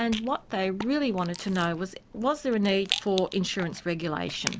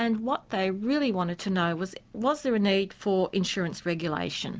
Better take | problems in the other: second | background sound (Rattle); 11 dB below the speech

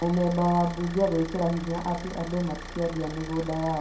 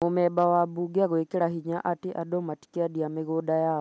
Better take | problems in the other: second | background sound (Idling / Car); 12 dB below the speech // room echo; dies away in 0.5 s

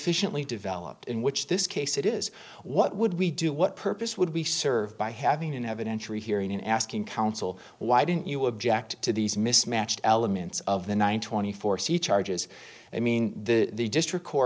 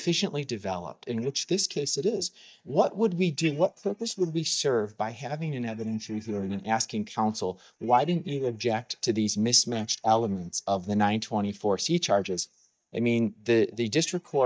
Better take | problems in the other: first | noise reduction (neural mask model DeepFilterNet 3)

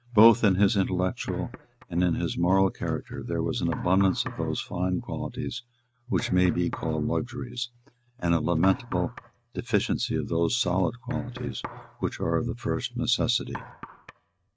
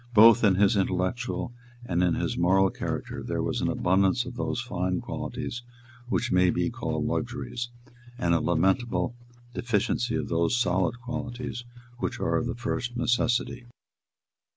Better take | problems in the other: second | noise reduction (neural mask model RNNoise)

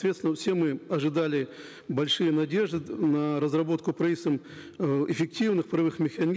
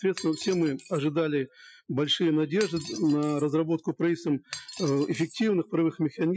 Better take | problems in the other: first | noise reduction (classical method Wiener filter)

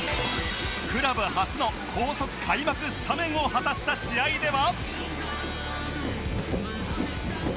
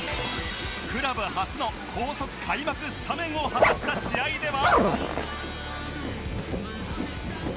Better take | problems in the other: first | background sound (Zipper (clothing)); 4 dB above the speech

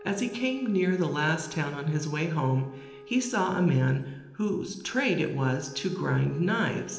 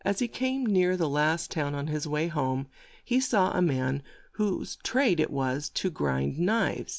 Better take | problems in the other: second | background sound (Wind instrument, woodwind instrument); 20 dB below the speech // room echo; dies away in 0.9 s

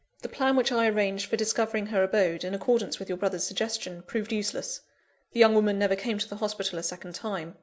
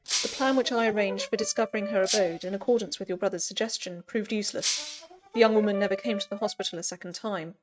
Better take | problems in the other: first | noise reduction (neural mask model RNNoise)

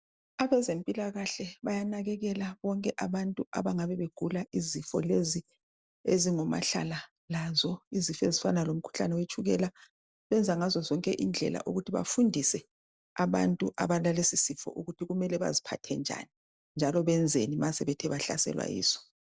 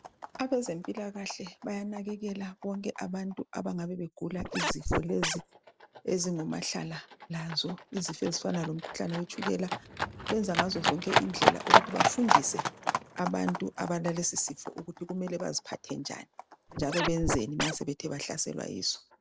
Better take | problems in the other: first | background sound (Scratching (performance technique) + Livestock, farm animals, working animals); as loud as the speech

